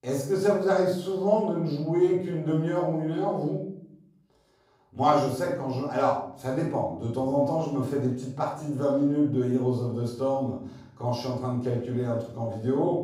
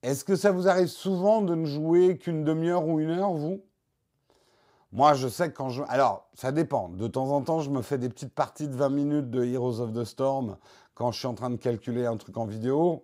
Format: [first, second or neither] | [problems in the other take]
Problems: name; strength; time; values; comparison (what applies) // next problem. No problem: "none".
second | off-mic speech; far // room echo; noticeable; dies away in 0.6 s